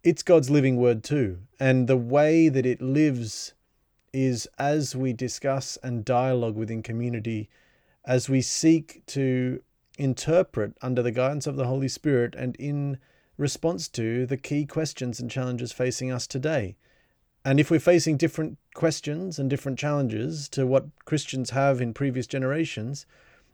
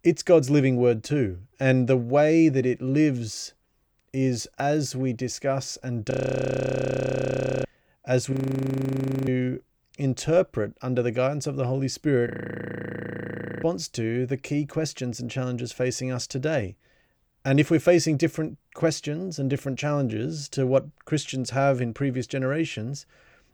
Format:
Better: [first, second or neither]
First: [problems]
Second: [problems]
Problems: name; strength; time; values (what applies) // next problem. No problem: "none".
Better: first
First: none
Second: audio freezing; at 6 s for 1.5 s, at 8.5 s for 1 s and at 12 s for 1.5 s